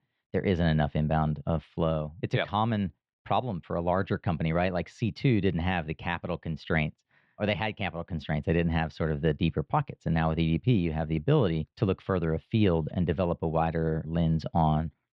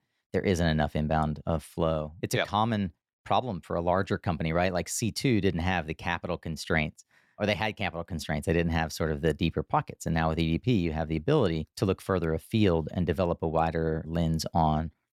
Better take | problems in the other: second | muffled; slightly; fading above 3.5 kHz

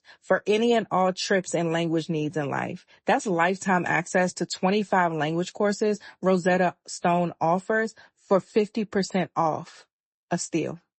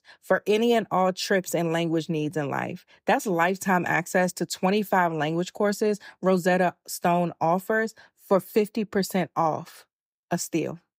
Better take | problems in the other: second | garbled, watery; slightly; nothing above 8 kHz

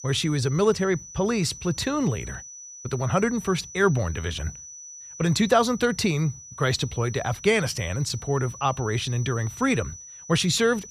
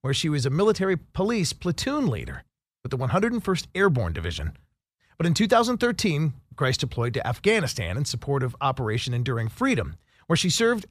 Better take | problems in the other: second | high-pitched whine; noticeable; throughout; 6 kHz, 15 dB below the speech

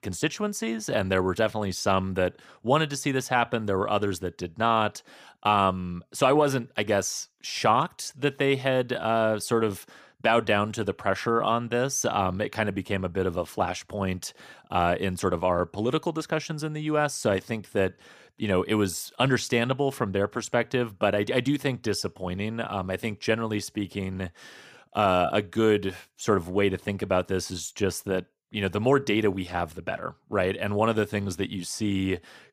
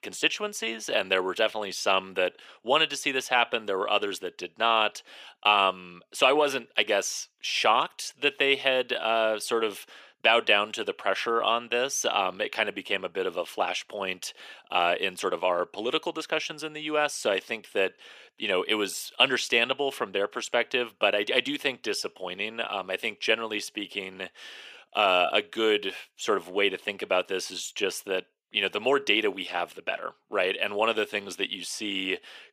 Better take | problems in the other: first | thin; somewhat; fading below 450 Hz

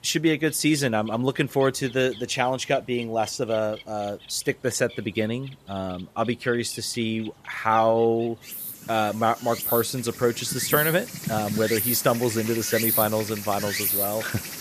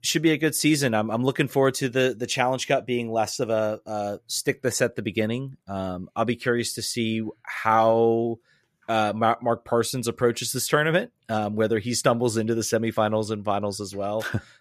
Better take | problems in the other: second | animal sounds; loud; throughout; 3 dB below the speech

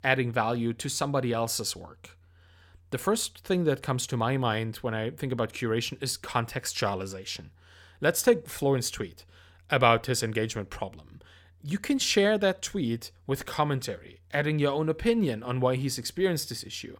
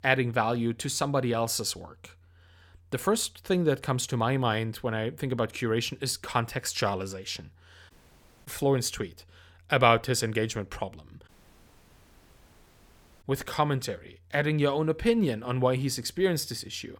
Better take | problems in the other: first | audio cutting out; at 8 s for 0.5 s and at 11 s for 2 s

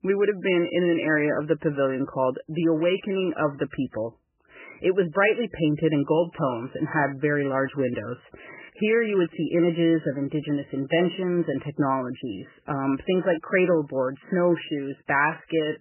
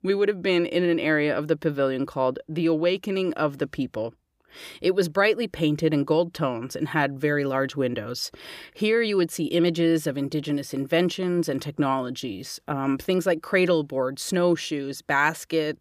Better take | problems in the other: second | garbled, watery; badly; nothing above 3 kHz

